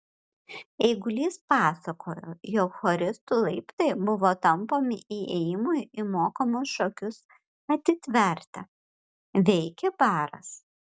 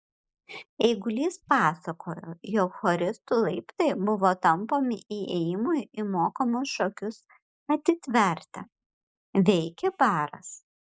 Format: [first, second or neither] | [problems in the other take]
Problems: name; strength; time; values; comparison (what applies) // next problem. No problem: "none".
first | noise reduction (neural mask model Resemble Enhance denoiser)